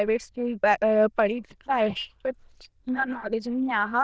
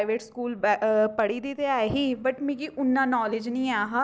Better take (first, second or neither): second